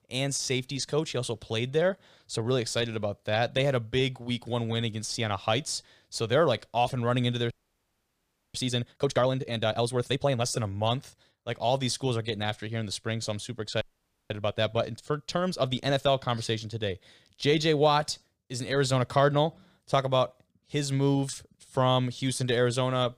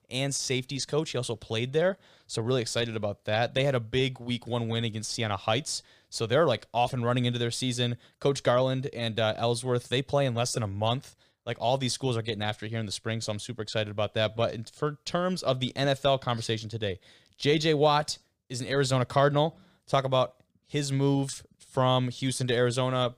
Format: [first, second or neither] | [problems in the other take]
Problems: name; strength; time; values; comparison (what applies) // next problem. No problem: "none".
second | audio freezing; at 7.5 s for 1 s and at 14 s